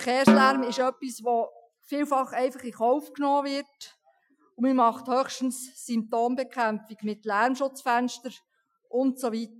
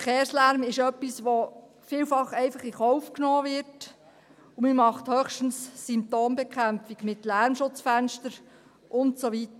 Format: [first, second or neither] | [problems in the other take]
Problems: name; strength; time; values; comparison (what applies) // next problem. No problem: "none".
second | noise reduction (classical method Wiener filter)